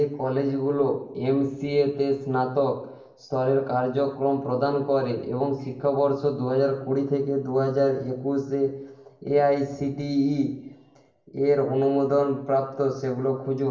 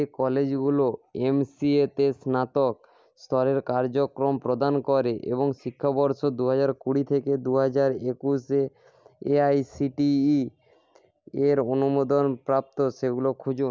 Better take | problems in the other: second | room echo; dies away in 0.7 s

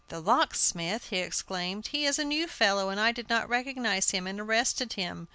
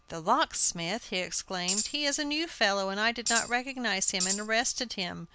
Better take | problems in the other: first | background sound (Tambourine); 4 dB below the speech

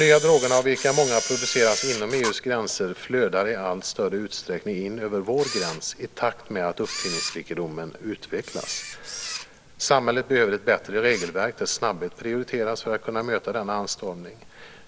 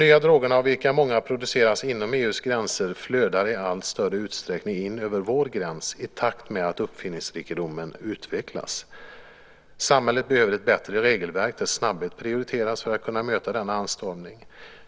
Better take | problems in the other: second | background sound (Camera); 11 dB below the speech

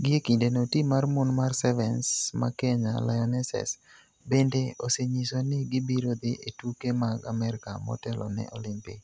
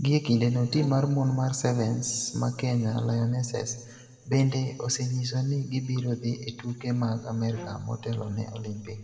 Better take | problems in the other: first | background sound (Bowed string instrument); 19 dB below the speech // room echo; dies away in 1.2 s

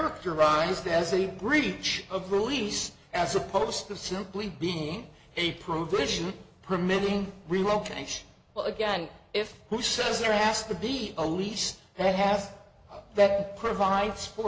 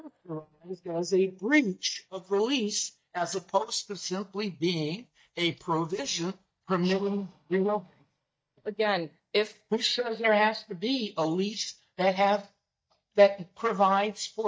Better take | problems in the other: first | noise reduction (neural mask model DeepFilterNet 3)

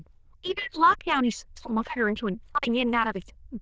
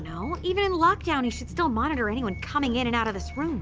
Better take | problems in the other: second | noise reduction (neural diffusion model UNIVERSE++)

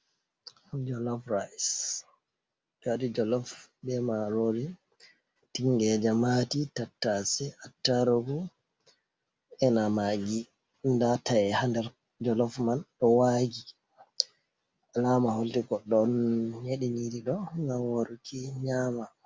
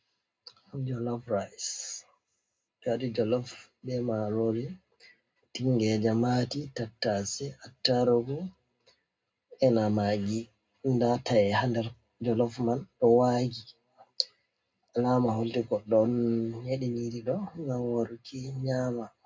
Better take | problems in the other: first | room echo; dies away in 0.2 s

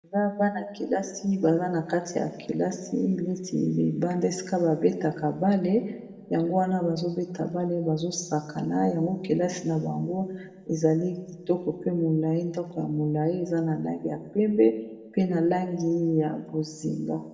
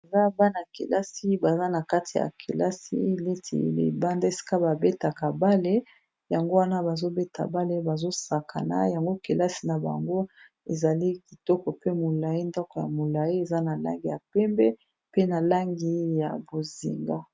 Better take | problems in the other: second | room echo; dies away in 1.2 s

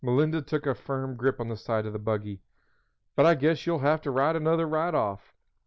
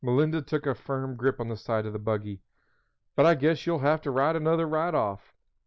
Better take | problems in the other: first | noise reduction (neural mask model Resemble Enhance denoiser)

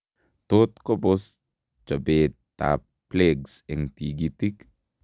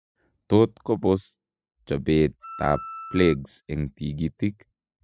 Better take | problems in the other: first | noise reduction (classical method spectral subtraction)

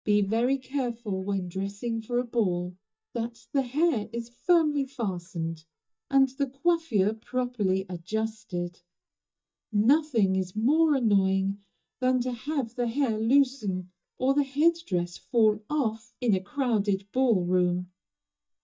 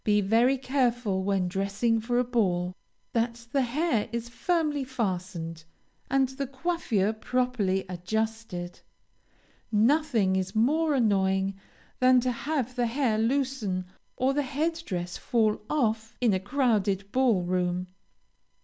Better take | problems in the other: second | noise reduction (neural mask model DeepFilterNet 3)

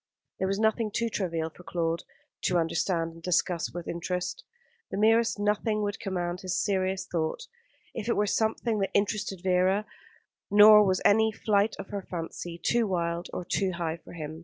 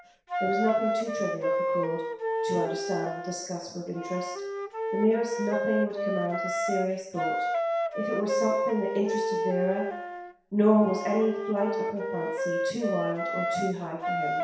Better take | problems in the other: first | background sound (Wind instrument, woodwind instrument); 1 dB below the speech // room echo; dies away in 0.7 s

